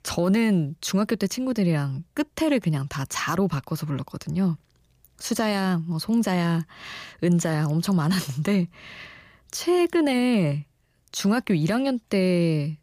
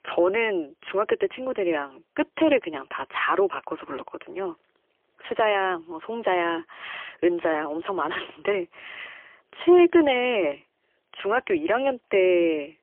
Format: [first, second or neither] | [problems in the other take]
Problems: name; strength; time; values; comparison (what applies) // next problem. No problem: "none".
first | phone-call audio; poor line; nothing above 3 kHz